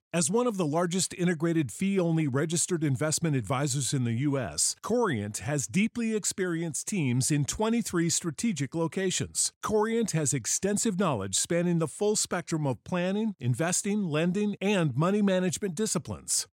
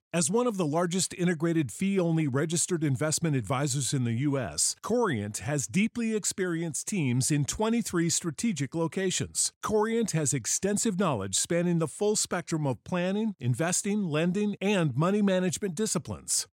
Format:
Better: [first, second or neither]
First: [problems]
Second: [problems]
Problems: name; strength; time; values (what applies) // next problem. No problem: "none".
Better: neither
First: none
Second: none